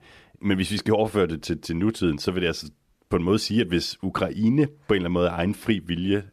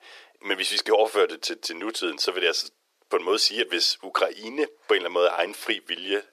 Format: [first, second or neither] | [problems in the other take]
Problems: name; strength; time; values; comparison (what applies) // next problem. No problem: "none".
first | thin; very; fading below 400 Hz